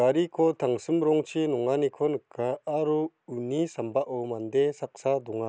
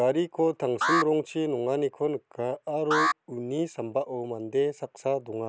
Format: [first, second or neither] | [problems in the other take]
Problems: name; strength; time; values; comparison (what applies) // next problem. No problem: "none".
first | background sound (Alarm); 4 dB below the speech